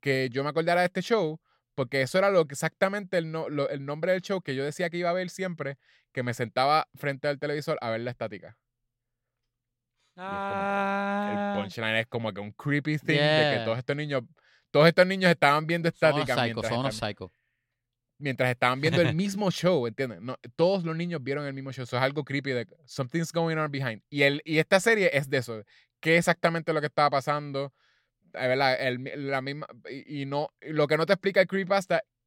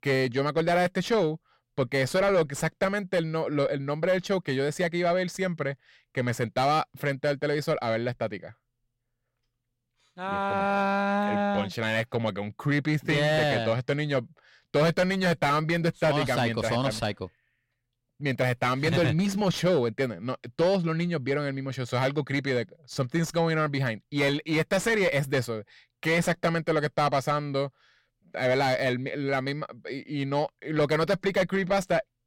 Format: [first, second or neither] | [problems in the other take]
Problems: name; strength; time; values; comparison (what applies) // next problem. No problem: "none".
first | distortion; heavy; 8 dB below the speech